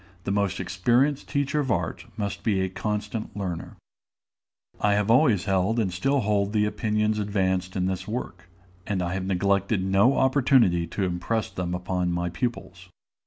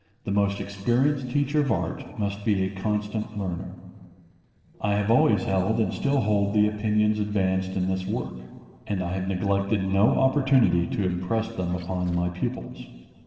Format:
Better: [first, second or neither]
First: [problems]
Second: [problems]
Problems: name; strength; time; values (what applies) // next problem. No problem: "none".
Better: first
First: none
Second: noise reduction (neural separator model SepFormer DNS4)